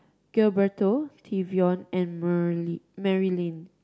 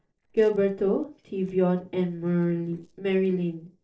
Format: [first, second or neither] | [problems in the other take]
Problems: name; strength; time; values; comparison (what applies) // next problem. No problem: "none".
first | noise reduction (neural separator model SepFormer DNS4)